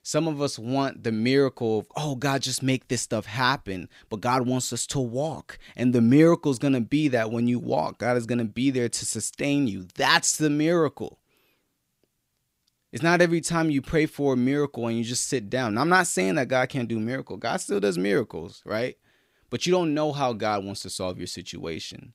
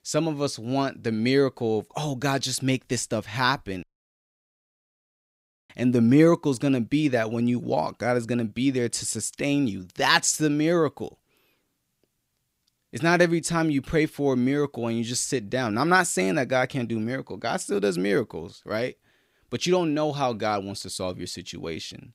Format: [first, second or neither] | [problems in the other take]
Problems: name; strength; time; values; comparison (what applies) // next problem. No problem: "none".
first | audio cutting out; at 4 s for 2 s